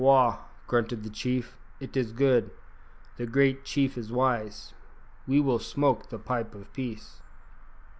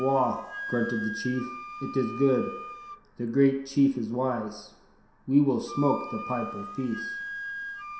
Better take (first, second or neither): first